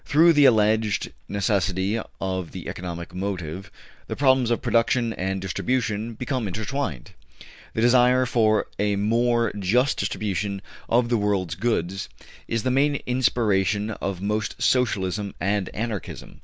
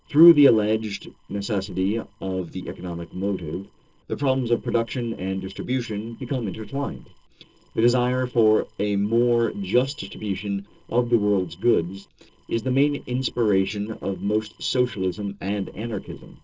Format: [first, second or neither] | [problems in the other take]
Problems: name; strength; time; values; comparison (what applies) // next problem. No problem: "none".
first | noise reduction (neural separator model SepFormer DNS4)